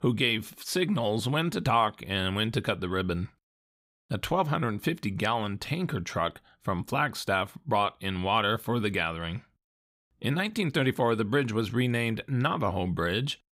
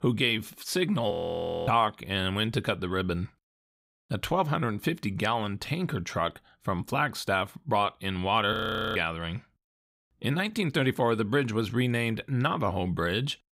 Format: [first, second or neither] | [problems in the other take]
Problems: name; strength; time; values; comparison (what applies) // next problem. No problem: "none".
first | audio freezing; at 1 s for 0.5 s and at 8.5 s